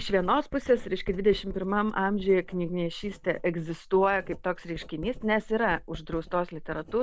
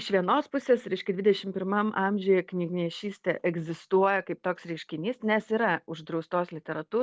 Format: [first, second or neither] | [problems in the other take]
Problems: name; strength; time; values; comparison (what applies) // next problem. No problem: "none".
second | background sound (Writing); 13 dB below the speech